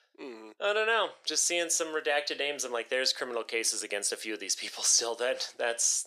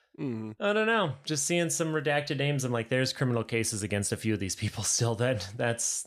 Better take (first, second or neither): second